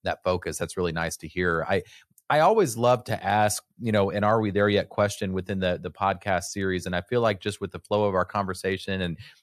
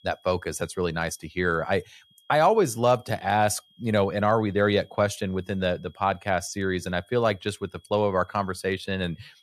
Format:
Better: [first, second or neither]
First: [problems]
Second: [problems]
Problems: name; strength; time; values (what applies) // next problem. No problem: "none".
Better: first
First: none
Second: high-pitched whine; faint; throughout; 3.5 kHz, 35 dB below the speech